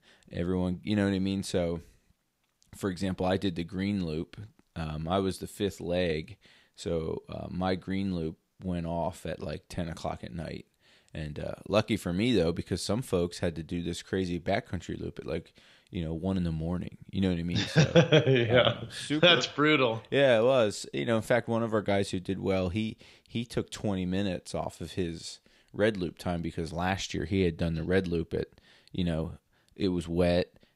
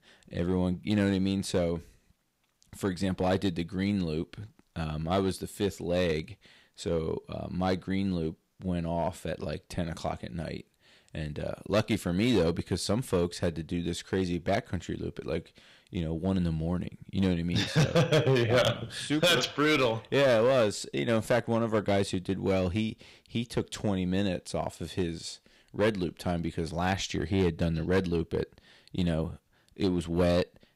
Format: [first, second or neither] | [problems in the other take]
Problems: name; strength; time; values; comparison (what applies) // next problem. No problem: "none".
first | distortion; slight; 3% of the sound clipped